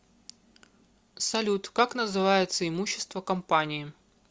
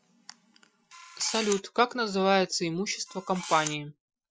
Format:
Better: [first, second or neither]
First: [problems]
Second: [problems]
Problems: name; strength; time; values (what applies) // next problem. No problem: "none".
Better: first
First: none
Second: noise reduction (classical method Wiener filter)